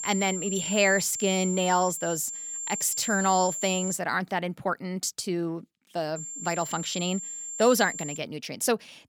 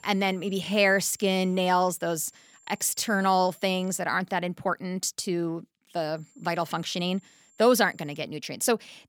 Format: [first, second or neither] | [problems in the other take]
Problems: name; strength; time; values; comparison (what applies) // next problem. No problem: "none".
second | high-pitched whine; loud; until 4 s and from 6 to 8 s; 7.5 kHz, 5 dB below the speech; faint in the second